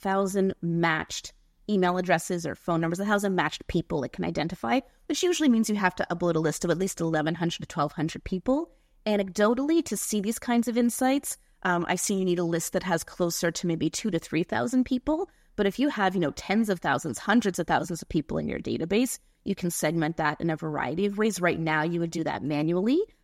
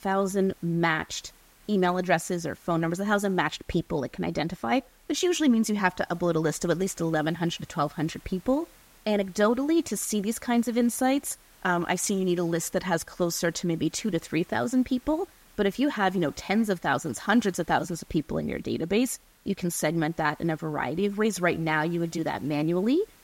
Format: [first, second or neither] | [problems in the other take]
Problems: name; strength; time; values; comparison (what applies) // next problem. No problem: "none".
first | hiss; faint; throughout; 30 dB below the speech